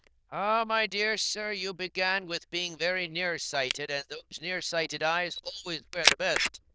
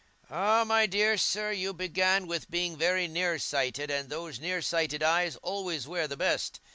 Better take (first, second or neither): second